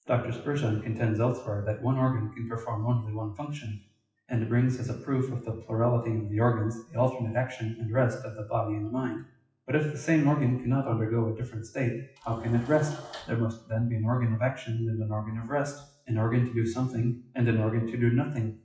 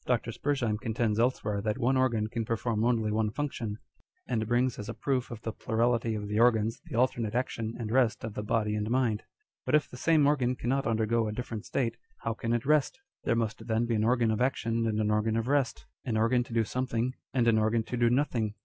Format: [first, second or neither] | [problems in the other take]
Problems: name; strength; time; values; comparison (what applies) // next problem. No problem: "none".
second | noise reduction (classical method WPE with log-MMSE)